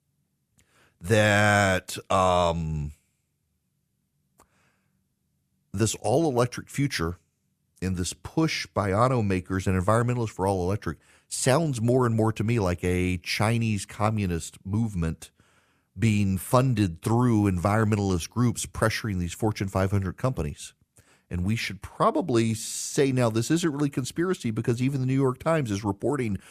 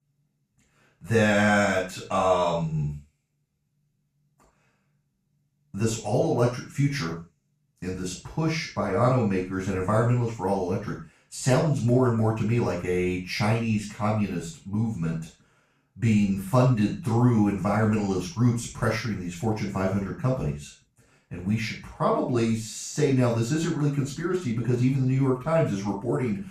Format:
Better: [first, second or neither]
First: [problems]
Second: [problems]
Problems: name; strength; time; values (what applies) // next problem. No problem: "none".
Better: first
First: none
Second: room echo; noticeable; dies away in 0.3 s // off-mic speech; far